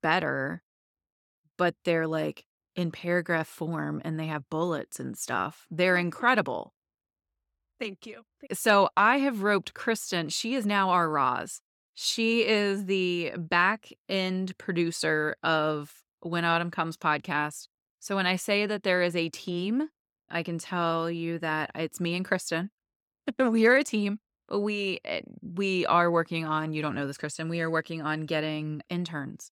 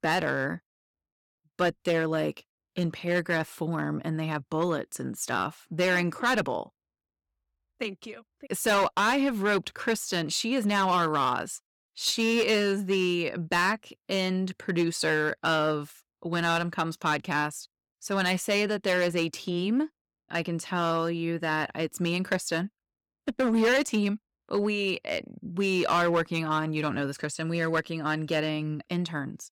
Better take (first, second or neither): first